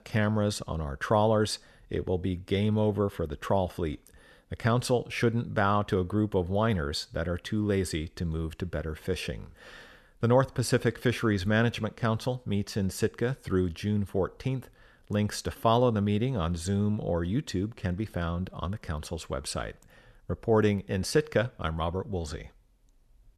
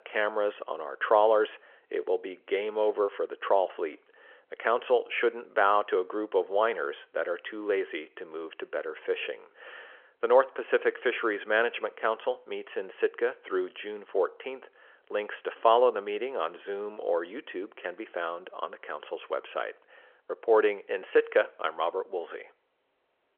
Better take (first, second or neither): first